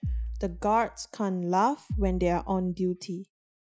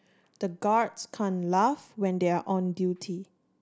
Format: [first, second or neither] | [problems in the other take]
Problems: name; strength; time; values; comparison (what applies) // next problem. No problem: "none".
second | noise reduction (classical method Wiener filter)